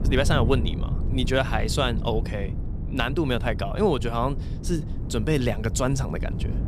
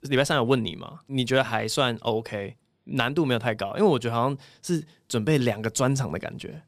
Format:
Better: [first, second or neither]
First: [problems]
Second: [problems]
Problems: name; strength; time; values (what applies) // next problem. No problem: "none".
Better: second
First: wind noise on the microphone; occasional gusts; 15 dB below the speech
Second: none